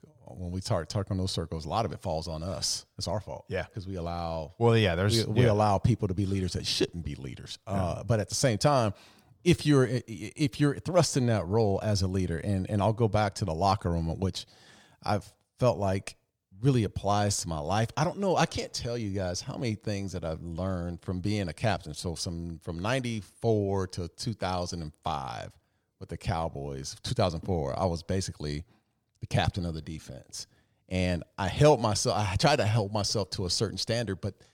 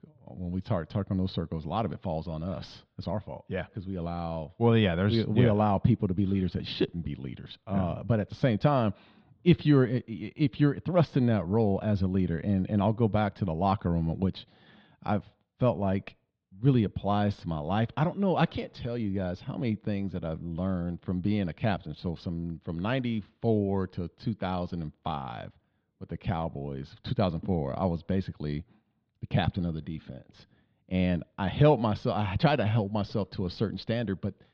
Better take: first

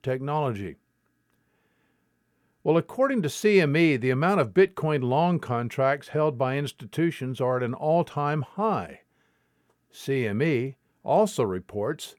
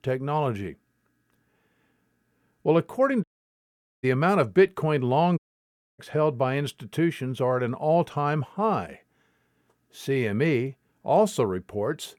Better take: first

